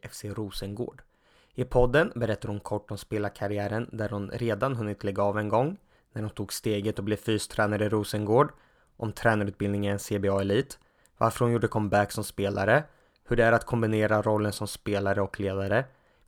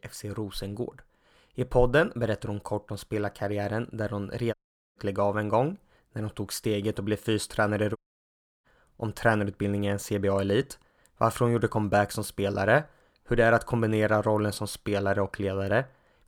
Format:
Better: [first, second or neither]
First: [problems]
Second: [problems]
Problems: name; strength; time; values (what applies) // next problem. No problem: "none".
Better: first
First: none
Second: audio cutting out; at 4.5 s and at 8 s for 0.5 s